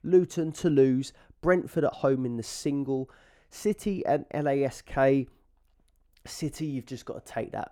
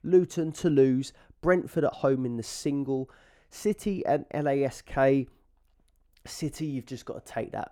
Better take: neither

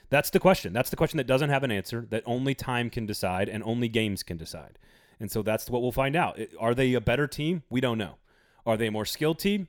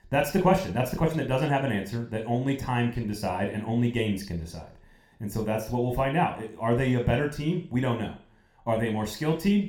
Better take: first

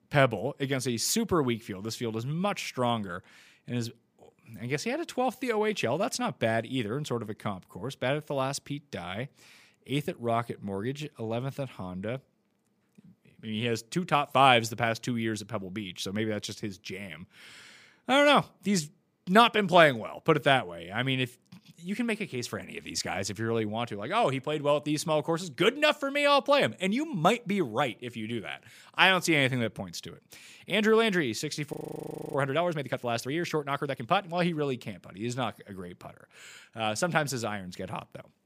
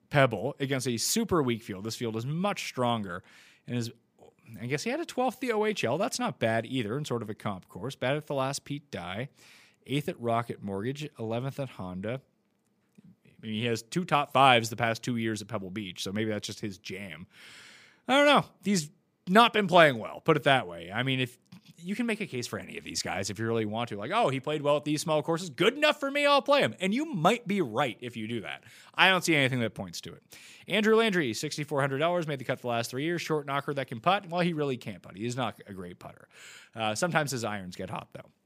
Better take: second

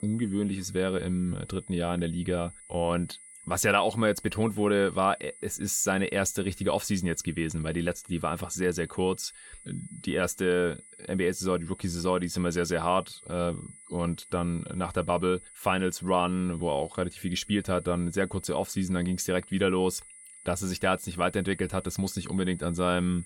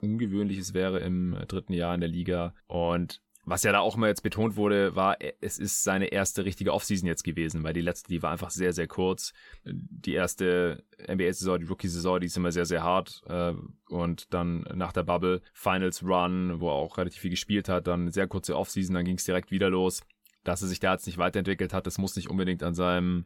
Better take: second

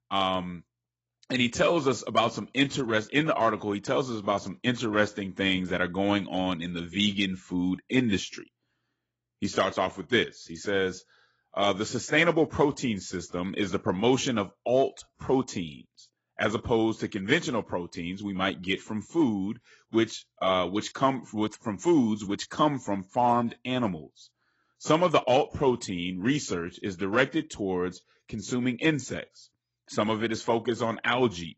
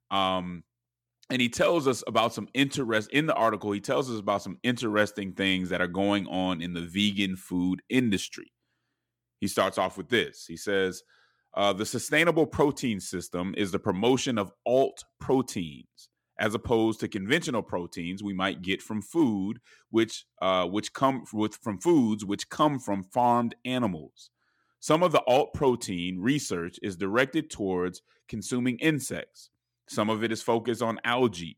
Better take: second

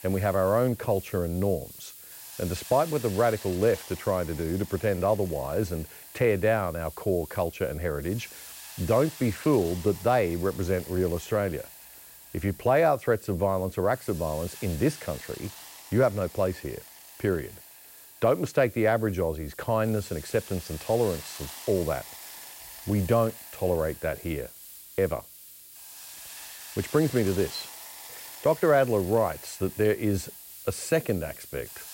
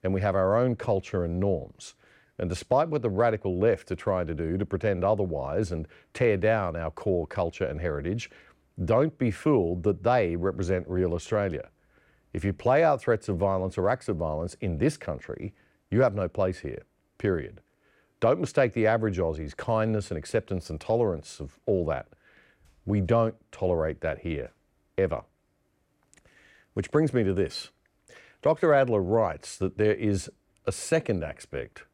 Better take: second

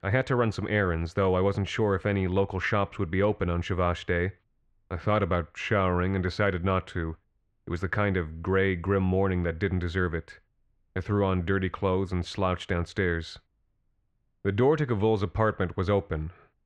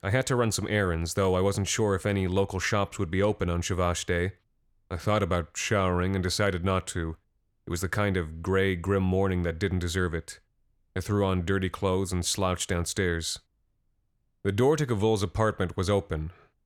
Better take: second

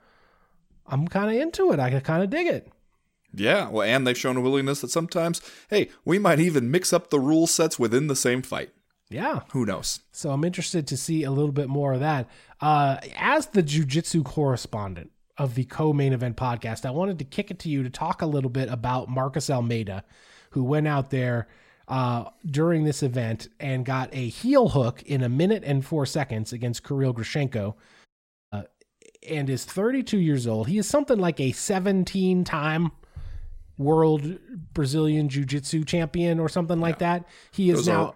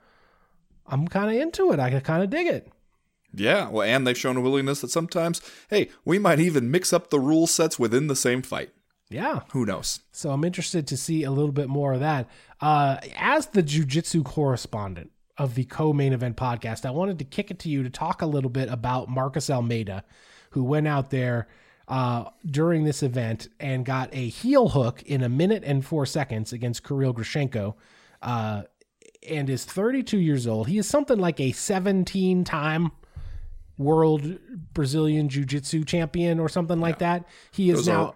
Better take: second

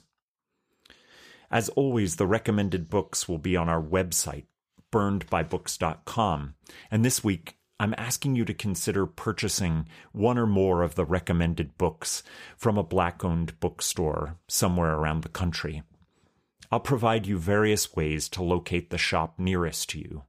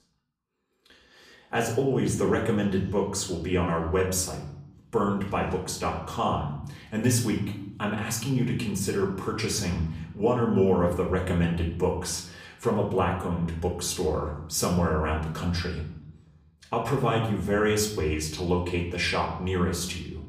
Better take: first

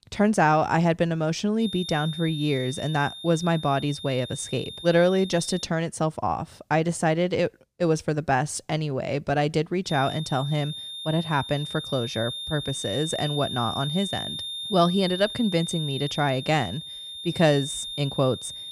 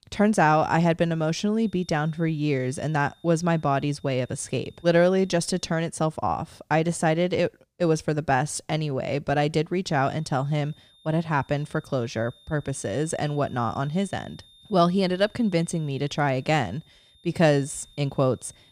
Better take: second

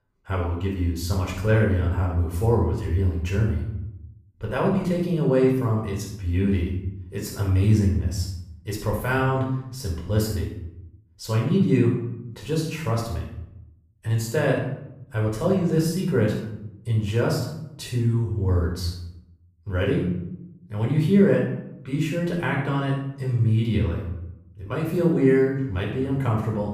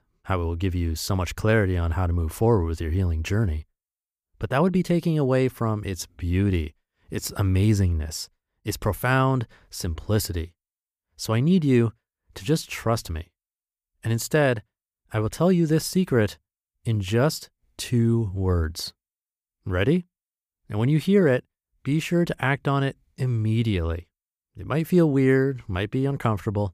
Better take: second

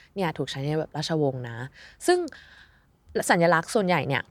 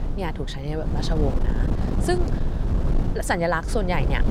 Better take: first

